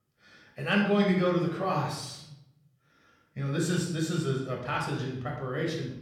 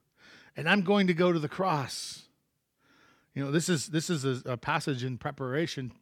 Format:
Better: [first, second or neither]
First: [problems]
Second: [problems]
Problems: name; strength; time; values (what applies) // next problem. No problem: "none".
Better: second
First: off-mic speech; far // room echo; noticeable; dies away in 0.6 s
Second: none